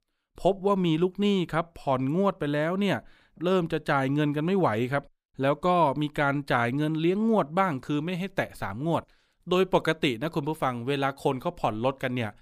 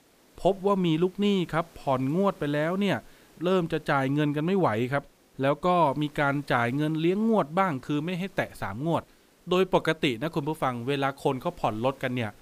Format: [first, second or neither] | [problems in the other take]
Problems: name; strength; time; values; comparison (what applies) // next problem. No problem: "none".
first | hiss; faint; throughout; 30 dB below the speech